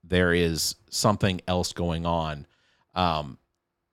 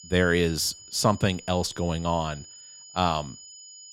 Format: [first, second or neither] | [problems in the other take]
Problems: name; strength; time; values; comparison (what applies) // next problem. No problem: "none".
first | high-pitched whine; noticeable; throughout; 7 kHz, 20 dB below the speech